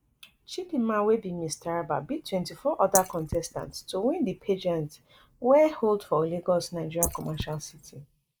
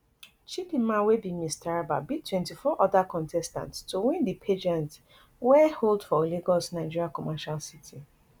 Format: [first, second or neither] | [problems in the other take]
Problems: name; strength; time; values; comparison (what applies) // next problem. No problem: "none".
second | noise reduction (neural mask model Resemble Enhance denoiser)